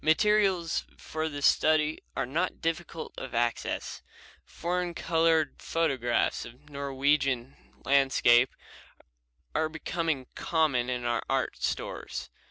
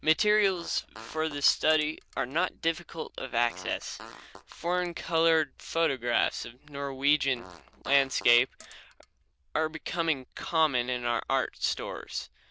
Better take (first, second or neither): first